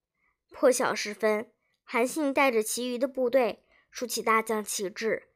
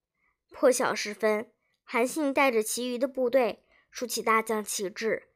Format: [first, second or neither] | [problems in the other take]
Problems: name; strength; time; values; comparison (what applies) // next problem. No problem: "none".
neither | none